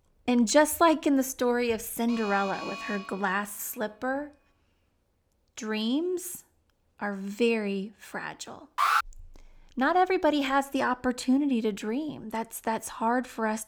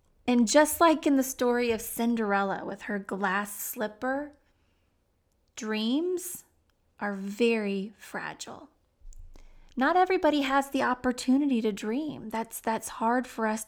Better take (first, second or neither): second